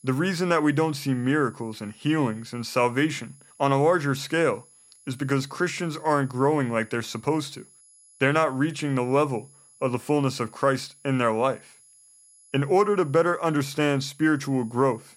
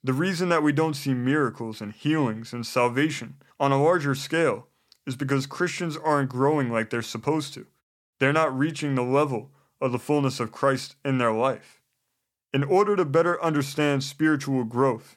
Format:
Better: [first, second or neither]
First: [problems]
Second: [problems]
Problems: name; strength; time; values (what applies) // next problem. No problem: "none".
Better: second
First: high-pitched whine; faint; throughout; 11 kHz, 25 dB below the speech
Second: none